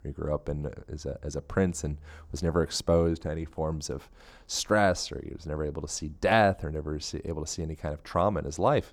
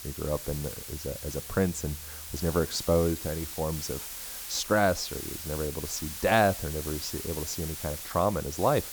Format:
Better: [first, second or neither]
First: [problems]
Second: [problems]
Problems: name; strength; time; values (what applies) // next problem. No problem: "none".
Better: first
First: none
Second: hiss; loud; throughout; 7 dB below the speech